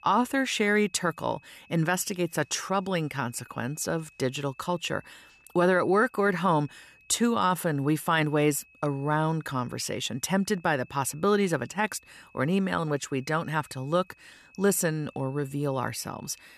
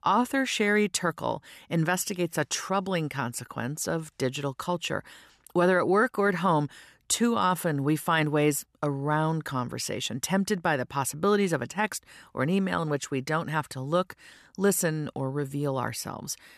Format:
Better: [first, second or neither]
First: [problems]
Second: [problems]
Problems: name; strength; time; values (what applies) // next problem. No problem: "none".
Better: second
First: high-pitched whine; faint; throughout; 2.5 kHz, 30 dB below the speech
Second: none